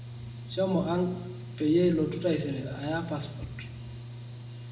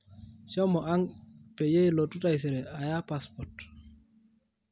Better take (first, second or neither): second